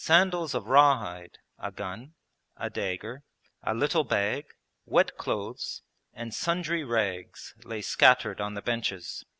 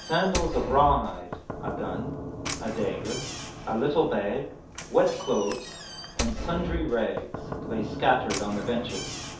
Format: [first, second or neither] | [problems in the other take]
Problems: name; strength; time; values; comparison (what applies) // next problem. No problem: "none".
first | background sound (Knock / Slam); 7 dB below the speech // room echo; dies away in 0.5 s